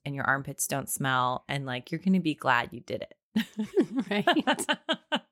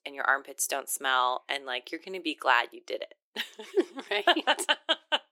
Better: first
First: none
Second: thin; very; fading below 350 Hz

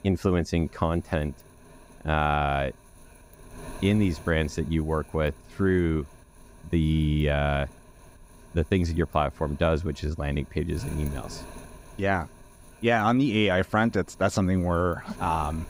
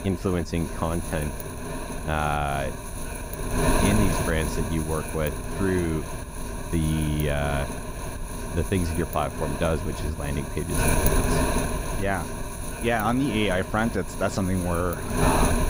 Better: first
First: wind noise on the microphone; occasional gusts; 20 dB below the speech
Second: wind noise on the microphone; heavy; 3 dB below the speech

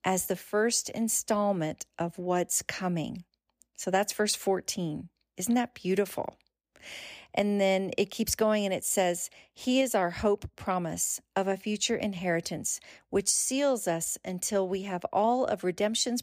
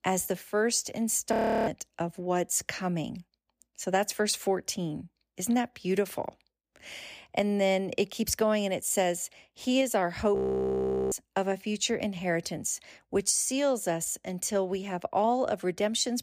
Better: first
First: none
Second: audio freezing; at 1.5 s and at 10 s for 1 s

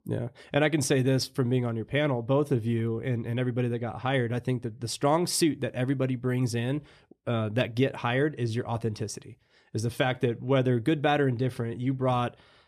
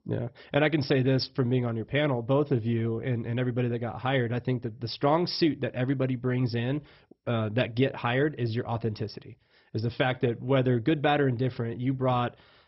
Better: first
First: none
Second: garbled, watery; badly; nothing above 5.5 kHz

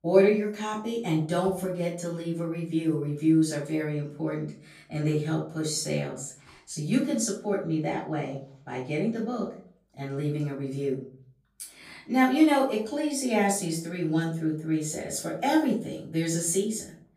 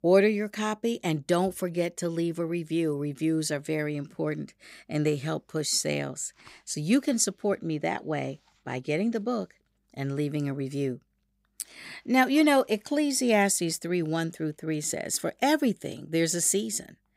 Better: second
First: room echo; slight; dies away in 0.4 s // off-mic speech; far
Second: none

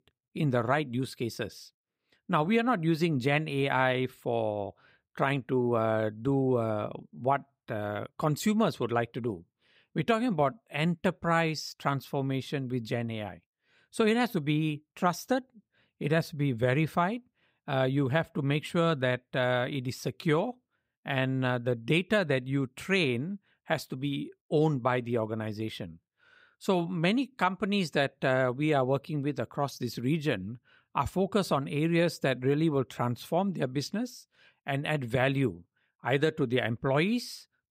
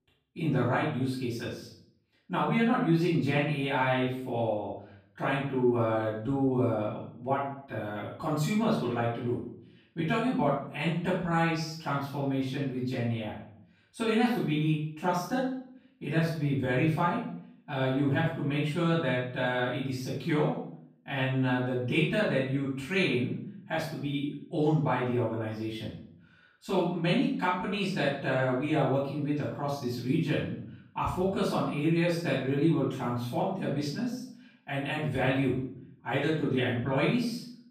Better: first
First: none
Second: off-mic speech; far // room echo; noticeable; dies away in 0.5 s

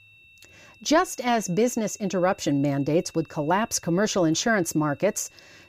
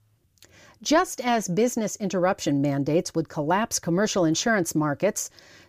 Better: second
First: high-pitched whine; faint; throughout; 2.5 kHz, 30 dB below the speech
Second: none

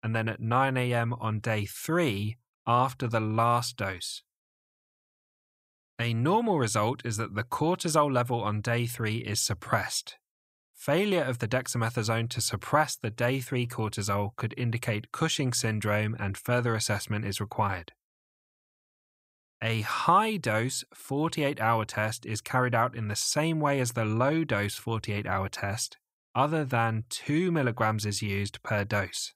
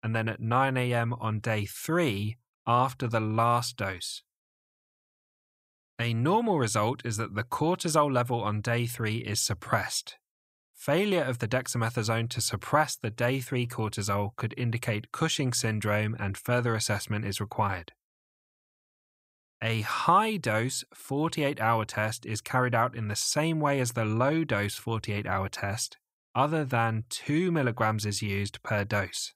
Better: neither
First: none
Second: none

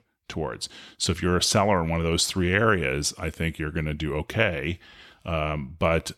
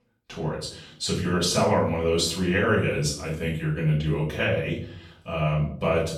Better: first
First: none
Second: off-mic speech; far // room echo; noticeable; dies away in 0.5 s

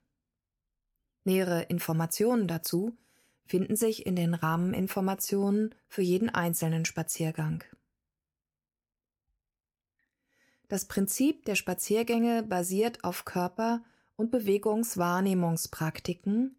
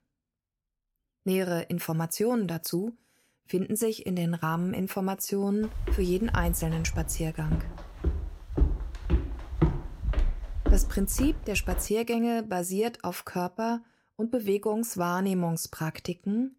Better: first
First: none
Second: footsteps; loud; from 6 to 12 s; peak 2 dB above the speech

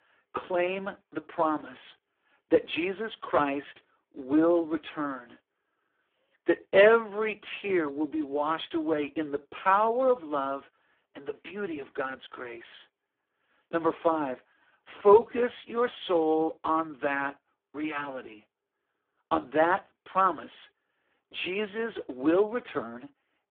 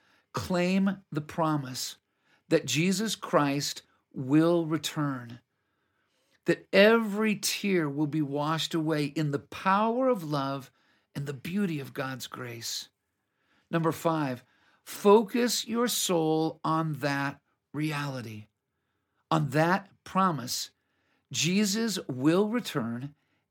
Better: second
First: phone-call audio; poor line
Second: none

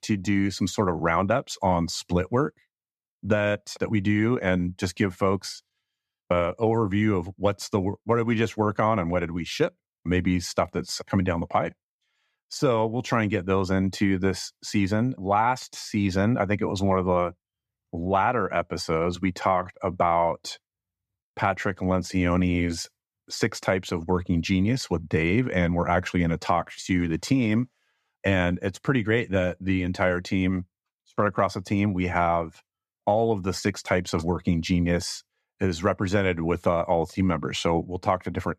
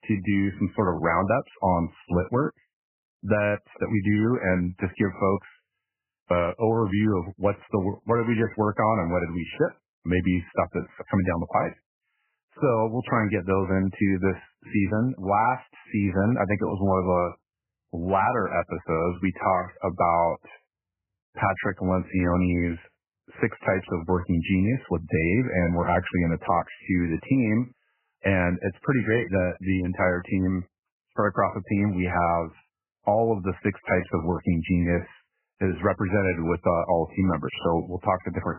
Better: first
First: none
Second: garbled, watery; badly; nothing above 3 kHz

